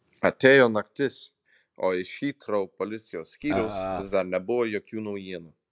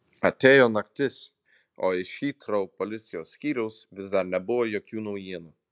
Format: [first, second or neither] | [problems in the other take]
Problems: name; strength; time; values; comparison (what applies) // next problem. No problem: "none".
second | background sound (Burping, eructation); 4 dB below the speech